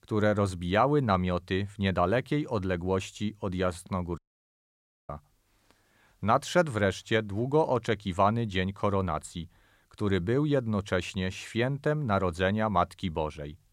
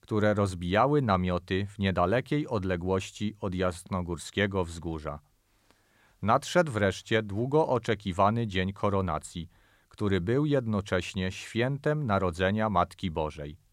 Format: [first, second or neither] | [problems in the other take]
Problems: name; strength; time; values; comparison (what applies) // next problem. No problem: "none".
second | audio cutting out; at 4 s for 1 s